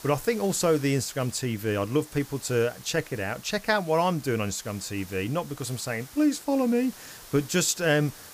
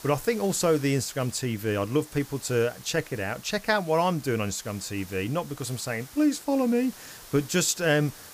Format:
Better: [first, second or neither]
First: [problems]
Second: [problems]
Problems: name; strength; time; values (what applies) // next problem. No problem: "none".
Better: neither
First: hiss; noticeable; throughout; 20 dB below the speech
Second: hiss; noticeable; throughout; 20 dB below the speech